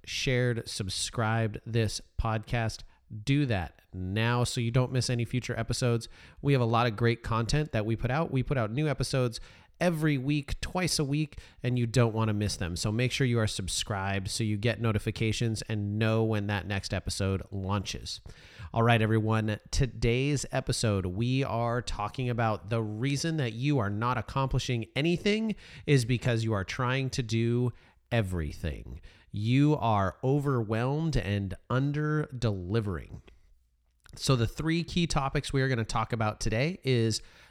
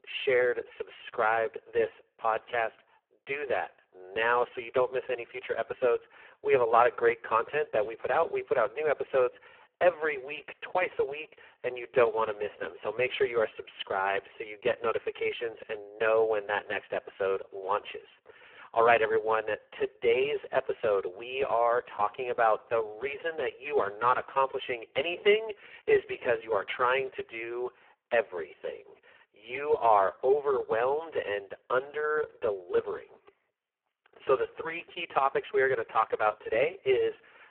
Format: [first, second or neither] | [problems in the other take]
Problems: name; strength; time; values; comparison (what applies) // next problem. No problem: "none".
first | phone-call audio; poor line